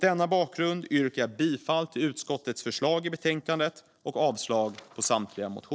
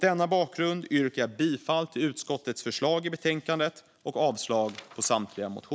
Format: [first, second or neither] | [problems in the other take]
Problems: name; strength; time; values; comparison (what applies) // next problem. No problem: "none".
second | noise reduction (neural separator model SepFormer DNS4)